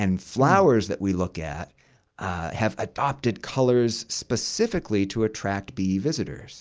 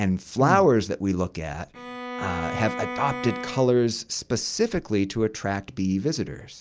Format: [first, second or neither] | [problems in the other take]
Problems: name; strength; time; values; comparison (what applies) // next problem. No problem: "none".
first | background sound (Bowed string instrument); 10 dB below the speech